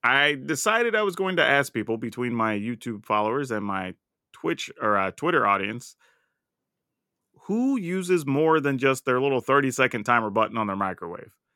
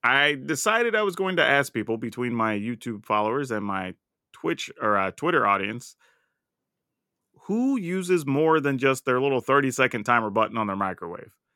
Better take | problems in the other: neither | none

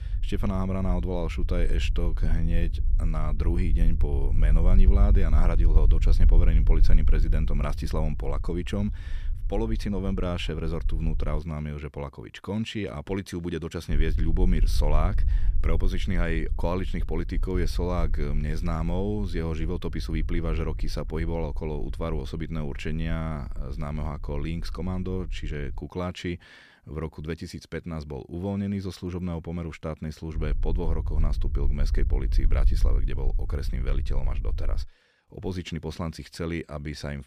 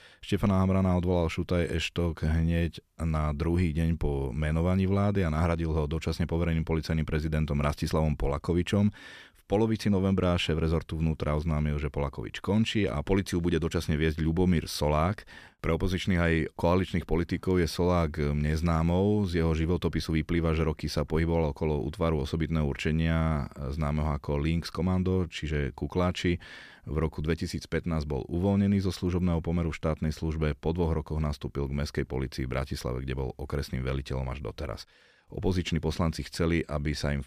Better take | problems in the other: second | low rumble; noticeable; until 11 s, from 14 to 26 s and from 30 to 35 s; 15 dB below the speech

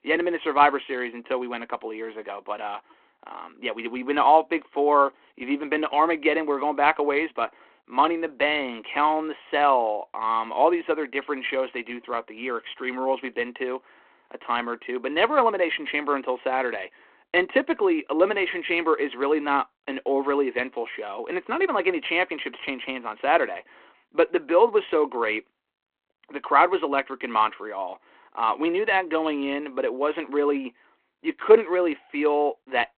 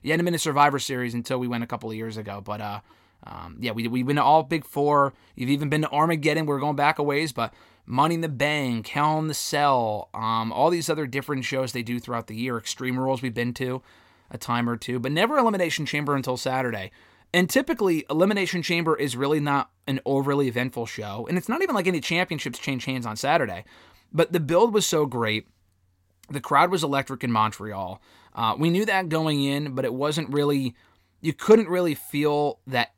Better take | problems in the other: second | phone-call audio

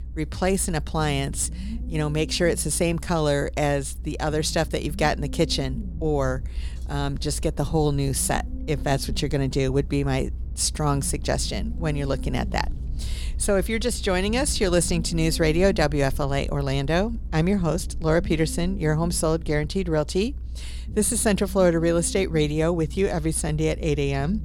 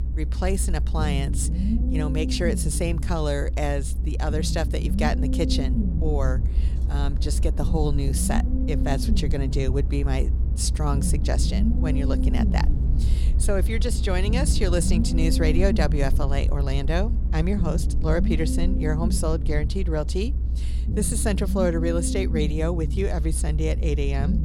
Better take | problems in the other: first | low rumble; loud; throughout; 8 dB below the speech; faint in the first

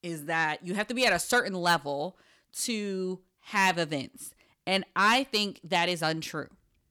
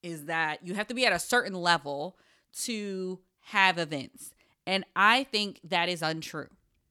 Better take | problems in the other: second | distortion; slight; 10 dB below the speech

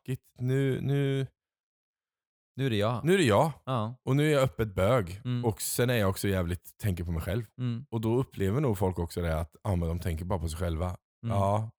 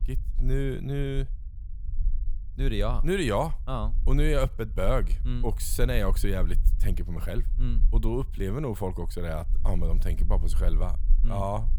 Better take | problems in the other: first | low rumble; faint; throughout; 20 dB below the speech

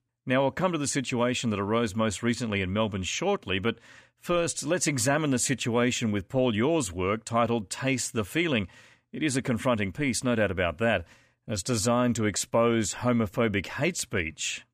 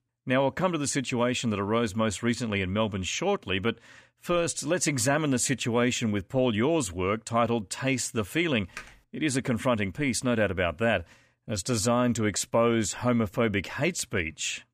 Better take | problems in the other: first | keyboard typing; faint; at 9 s; peak 15 dB below the speech

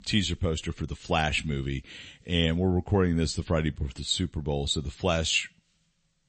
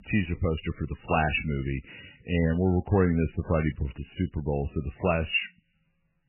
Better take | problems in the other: first | garbled, watery; badly; nothing above 3 kHz; slightly in the first

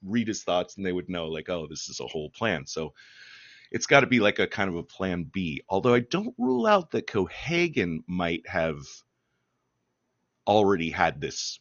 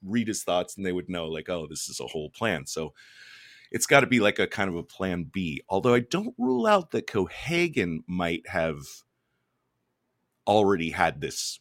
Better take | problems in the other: second | garbled, watery; slightly; nothing above 6.5 kHz

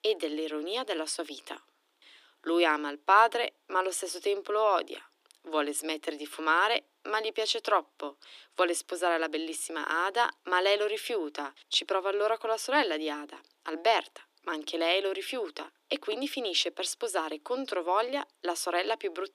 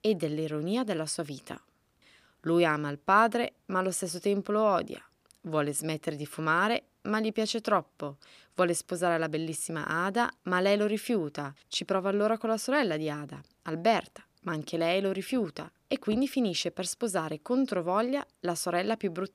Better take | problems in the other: second | thin; somewhat; fading below 300 Hz

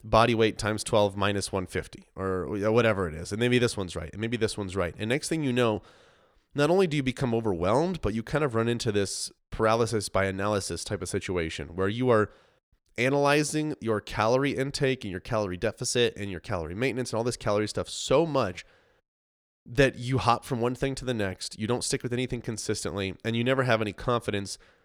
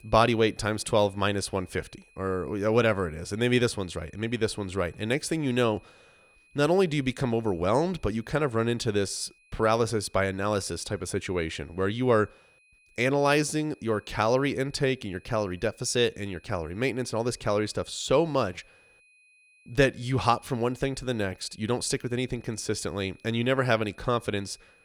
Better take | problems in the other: first | high-pitched whine; faint; throughout; 2.5 kHz, 30 dB below the speech

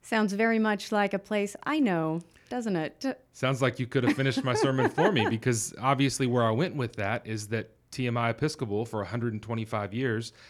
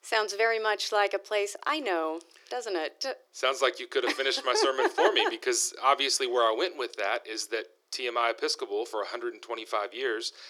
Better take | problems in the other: first | thin; very; fading below 350 Hz

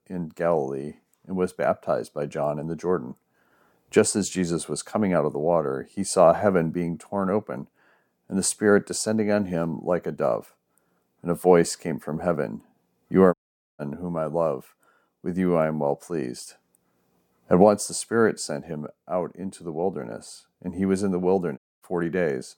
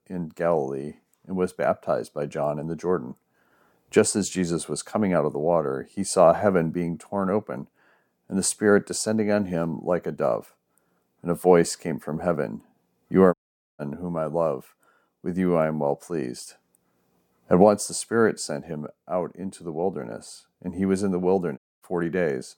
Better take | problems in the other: neither | audio cutting out; at 13 s and at 22 s; the same in both

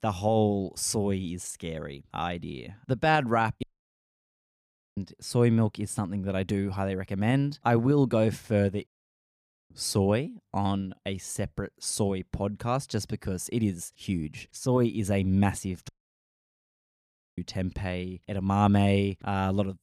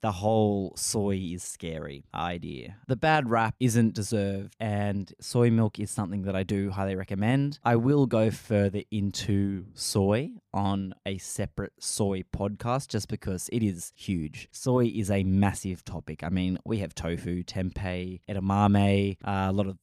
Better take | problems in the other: second | audio cutting out; at 3.5 s for 1.5 s, at 9 s for 1 s and at 16 s for 1.5 s

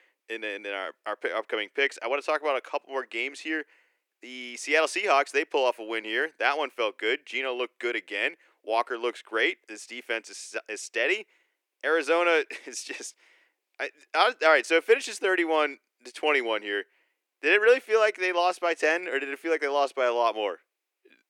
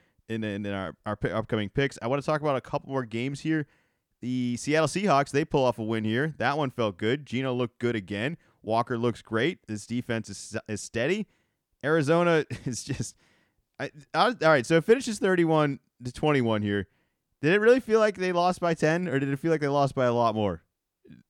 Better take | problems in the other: second | thin; very; fading below 350 Hz

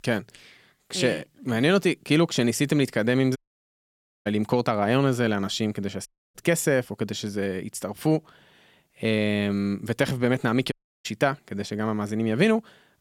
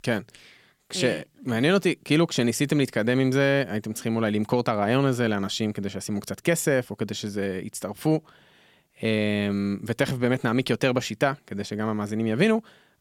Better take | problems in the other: second | audio cutting out; at 3.5 s for 1 s, at 6 s and at 11 s

